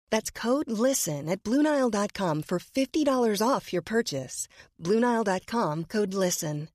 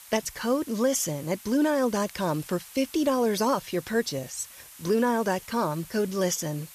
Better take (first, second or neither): first